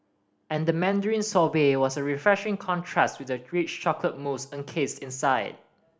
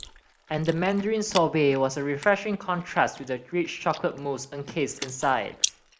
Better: first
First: none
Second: noise reduction (neural mask model Resemble Enhance denoiser)

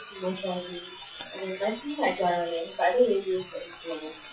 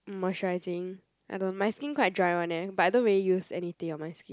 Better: second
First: noise reduction (classical method WPE with log-MMSE)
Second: none

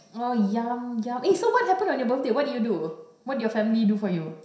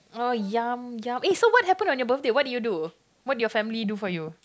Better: second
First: room echo; dies away in 0.7 s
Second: none

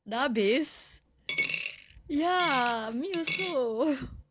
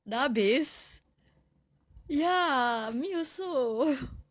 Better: second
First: background sound (Coin (dropping)); 6 dB below the speech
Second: none

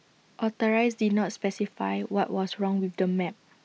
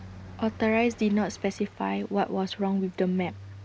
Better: first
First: none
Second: background sound (Car passing by); 18 dB below the speech

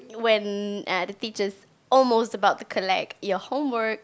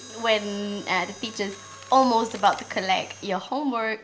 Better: first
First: none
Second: background sound (Mechanisms); 19 dB below the speech // room echo; dies away in 0.7 s

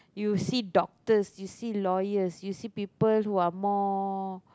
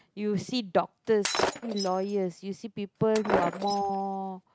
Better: first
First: none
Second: noise reduction (neural mask model RNNoise)

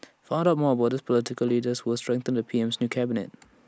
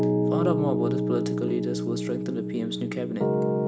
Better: first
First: none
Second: background sound (Piano); 5 dB above the speech // room echo; dies away in 0.5 s

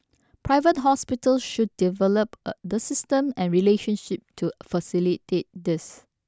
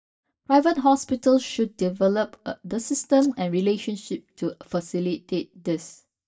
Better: first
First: none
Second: noise reduction (neural mask model DeepFilterNet 3)

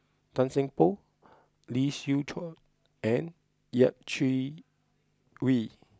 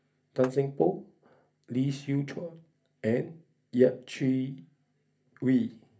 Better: first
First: none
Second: background sound (Clapping); 15 dB below the speech // room echo; dies away in 0.3 s

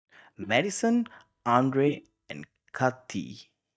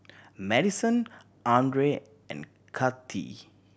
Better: second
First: noise reduction (neural mask model DeepFilterNet 3)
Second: none

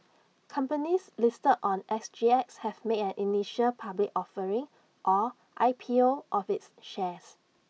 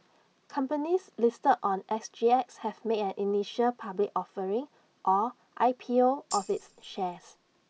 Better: first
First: none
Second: background sound (Tambourine); 15 dB below the speech

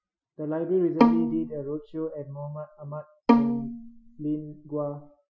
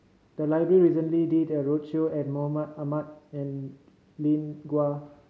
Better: second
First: noise reduction (classical method Wiener filter)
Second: none

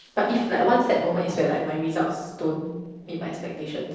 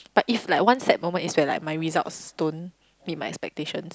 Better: second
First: noise reduction (neural separator model SepFormer DNS4)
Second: none

